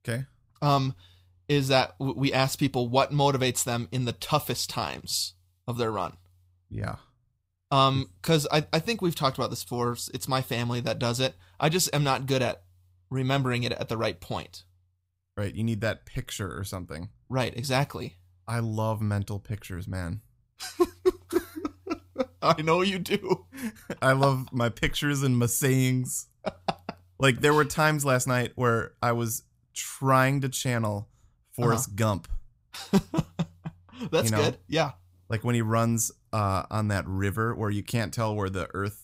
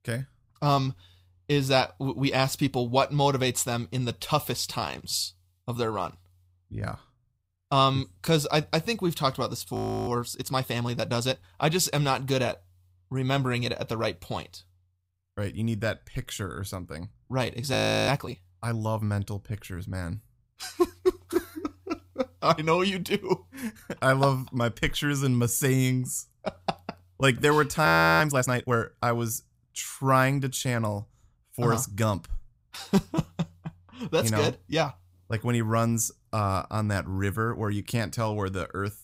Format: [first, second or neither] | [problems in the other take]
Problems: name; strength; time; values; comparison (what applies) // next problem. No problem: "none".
first | audio freezing; at 10 s, at 18 s and at 28 s